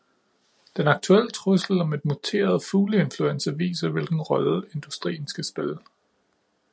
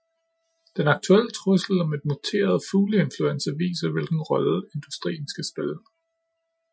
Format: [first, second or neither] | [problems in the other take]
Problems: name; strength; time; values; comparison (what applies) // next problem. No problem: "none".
first | noise reduction (classical method Wiener filter)